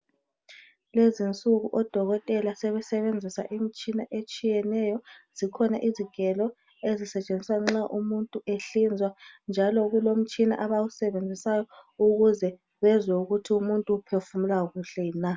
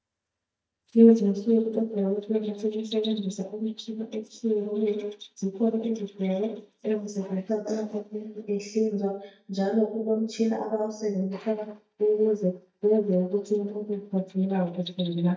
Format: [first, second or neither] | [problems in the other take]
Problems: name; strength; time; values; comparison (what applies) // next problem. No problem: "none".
first | noise reduction (neural mask model DeepFilterNet 3)